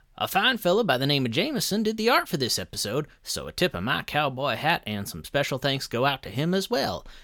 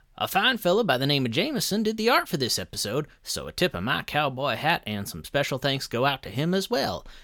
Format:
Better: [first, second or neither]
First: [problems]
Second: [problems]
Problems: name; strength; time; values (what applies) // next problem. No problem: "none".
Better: neither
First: none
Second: none